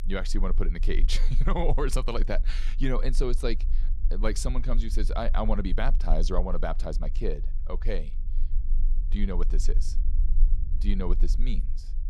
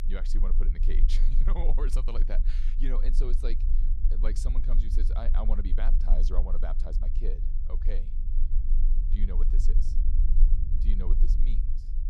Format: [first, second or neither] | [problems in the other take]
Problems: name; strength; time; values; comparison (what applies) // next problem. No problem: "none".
first | low rumble; loud; throughout; 8 dB below the speech; faint in the first